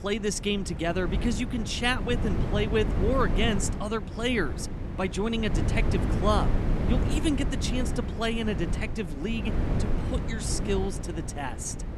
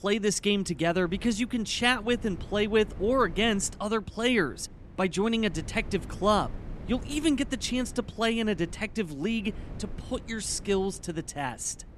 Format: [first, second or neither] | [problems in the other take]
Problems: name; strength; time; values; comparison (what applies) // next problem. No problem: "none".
second | wind noise on the microphone; heavy; 8 dB below the speech; occasional gusts in the second